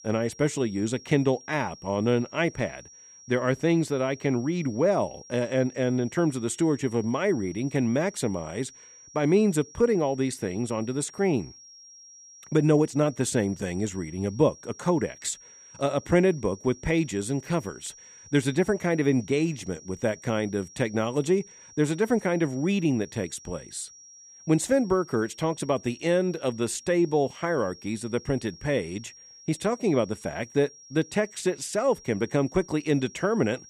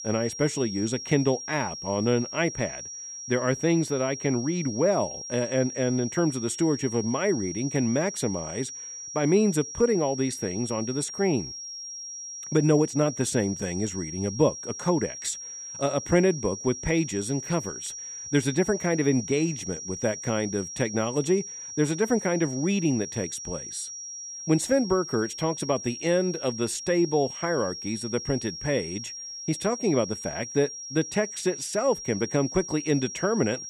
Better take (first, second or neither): first